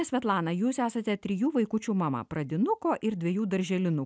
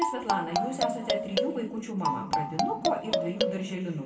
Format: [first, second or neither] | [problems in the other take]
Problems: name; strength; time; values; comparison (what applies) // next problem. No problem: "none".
first | background sound (Marimba, xylophone); 2 dB above the speech // room echo; dies away in 1.8 s